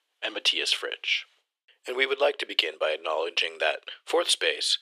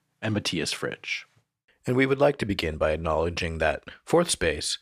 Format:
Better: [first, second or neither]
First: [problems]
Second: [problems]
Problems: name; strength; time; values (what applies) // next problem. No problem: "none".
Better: second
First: thin; very; fading below 350 Hz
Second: none